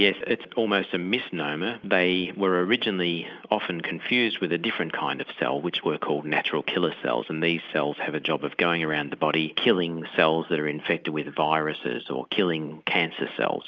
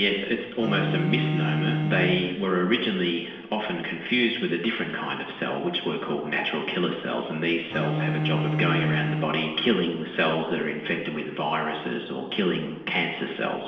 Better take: first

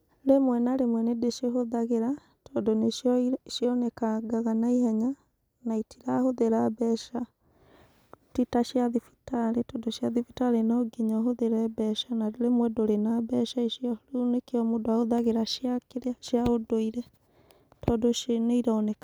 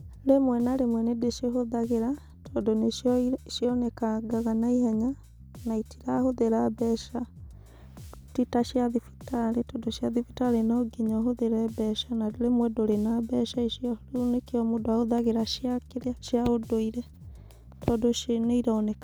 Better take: first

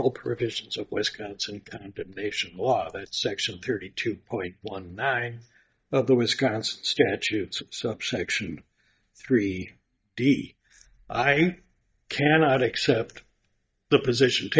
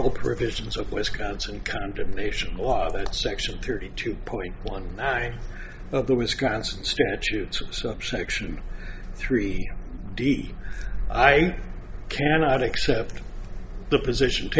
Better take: second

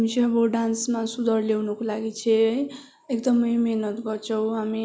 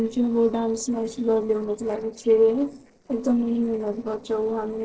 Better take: first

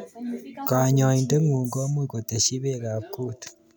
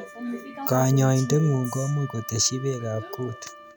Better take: first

